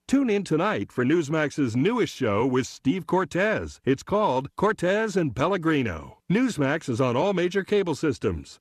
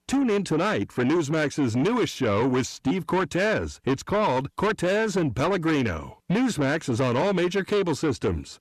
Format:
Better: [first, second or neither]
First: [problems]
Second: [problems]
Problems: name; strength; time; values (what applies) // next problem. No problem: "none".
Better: first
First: none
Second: distortion; slight; 10 dB below the speech